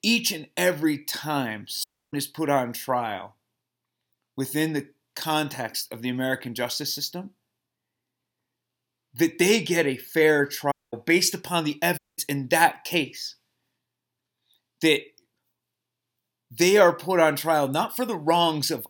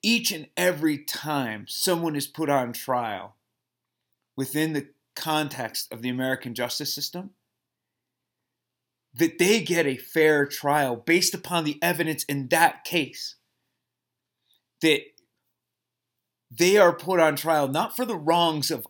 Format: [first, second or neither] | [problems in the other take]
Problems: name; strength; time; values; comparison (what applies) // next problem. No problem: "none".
second | audio cutting out; at 2 s, at 11 s and at 12 s